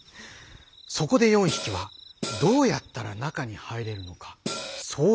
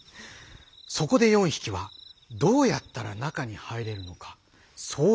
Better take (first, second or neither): second